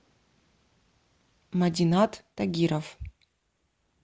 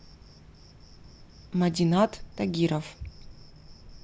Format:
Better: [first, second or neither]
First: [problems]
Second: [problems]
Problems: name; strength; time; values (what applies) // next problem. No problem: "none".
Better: first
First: none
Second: background sound (Cricket); 18 dB below the speech